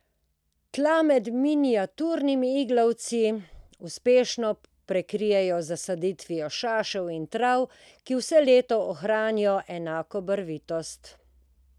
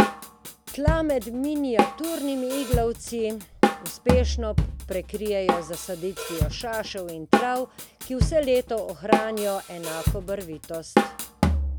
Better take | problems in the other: first | background sound (Drum kit); 2 dB above the speech

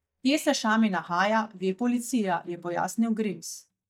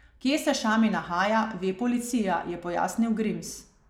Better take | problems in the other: second | noise reduction (neural mask model DeepFilterNet 3)

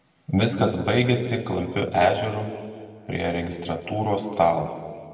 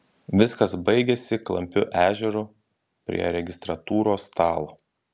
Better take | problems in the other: second | room echo; dies away in 1.9 s

